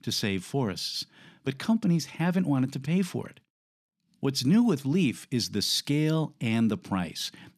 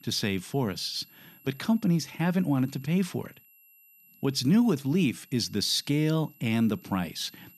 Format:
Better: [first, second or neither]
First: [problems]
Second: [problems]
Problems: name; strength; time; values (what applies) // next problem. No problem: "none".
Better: first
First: none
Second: high-pitched whine; faint; throughout; 12 kHz, 25 dB below the speech